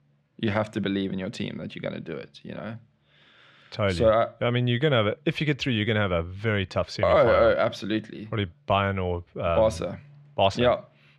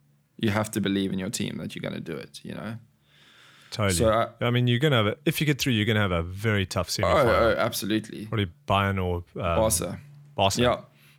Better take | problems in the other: second | muffled; slightly; fading above 3 kHz

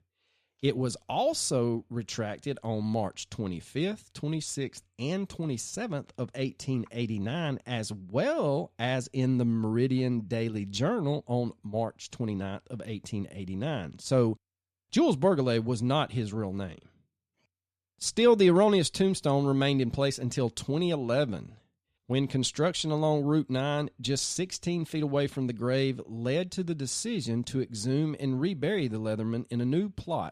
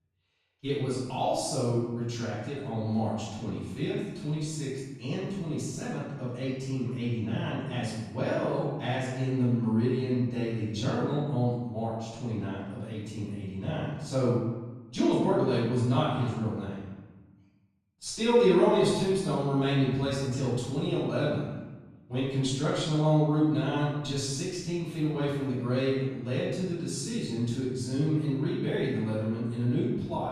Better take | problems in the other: first | off-mic speech; far // room echo; strong; dies away in 1 s

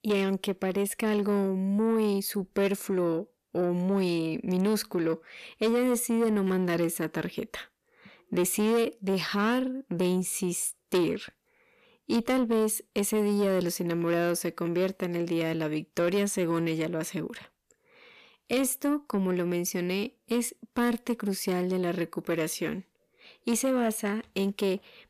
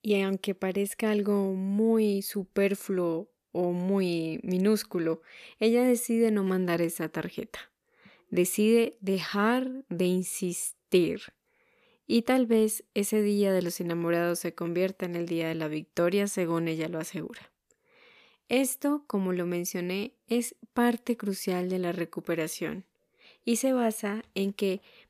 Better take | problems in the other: second | distortion; slight; 10 dB below the speech

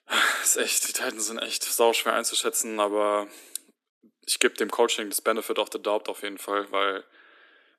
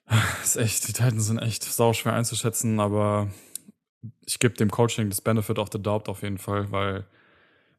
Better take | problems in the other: second | thin; very; fading below 300 Hz

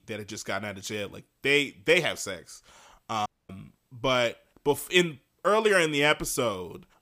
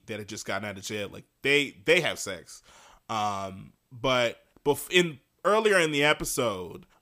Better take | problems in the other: second | audio cutting out; at 3.5 s

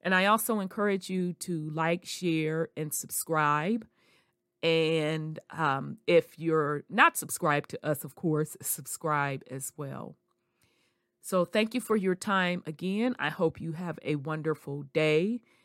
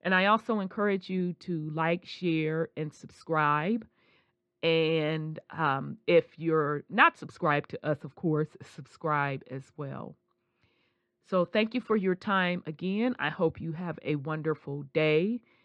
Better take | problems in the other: first | muffled; slightly; fading above 4 kHz

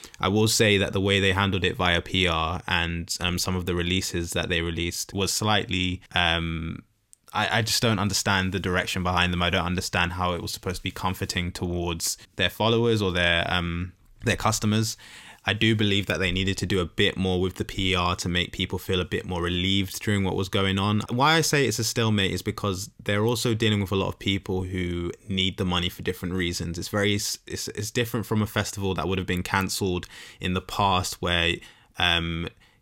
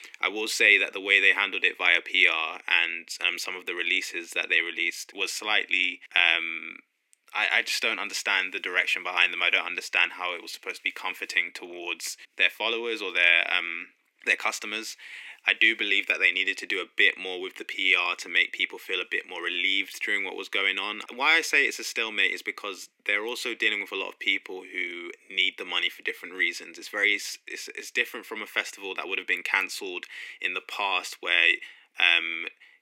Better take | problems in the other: first | thin; very; fading below 300 Hz

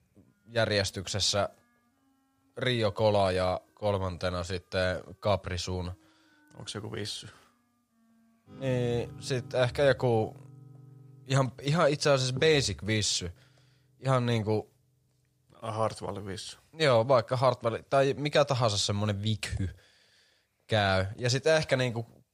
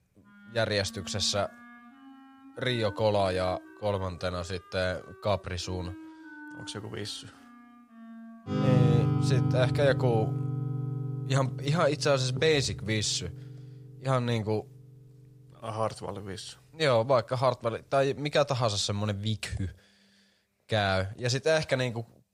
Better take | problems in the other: first | background music; loud; throughout; 3 dB below the speech; faint in the first

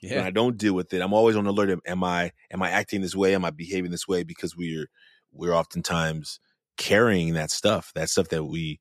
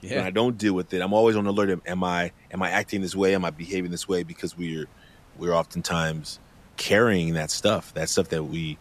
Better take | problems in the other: first | hiss; faint; throughout; 30 dB below the speech

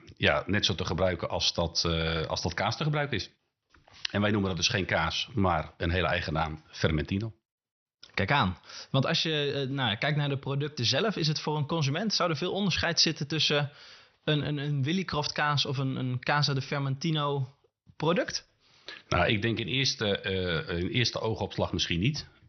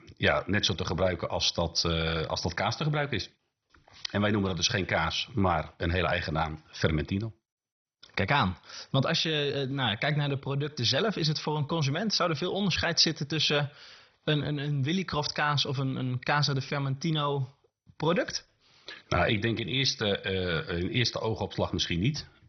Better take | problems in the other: first | garbled, watery; badly; nothing above 6 kHz; slightly in the first

